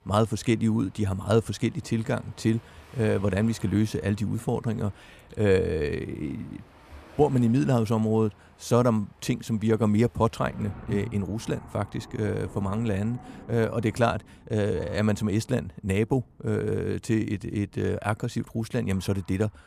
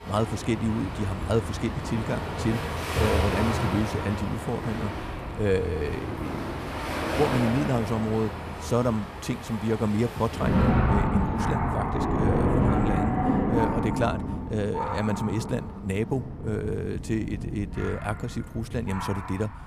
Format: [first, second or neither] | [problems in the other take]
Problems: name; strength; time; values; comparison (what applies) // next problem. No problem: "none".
first | rain or running water; loud; throughout; as loud as the speech; faint in the first